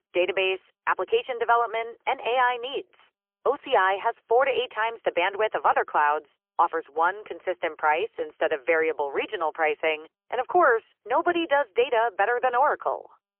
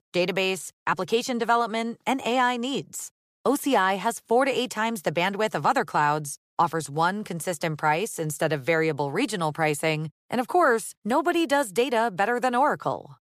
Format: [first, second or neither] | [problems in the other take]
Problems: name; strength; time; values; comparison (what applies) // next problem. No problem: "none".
second | phone-call audio; poor line; nothing above 3 kHz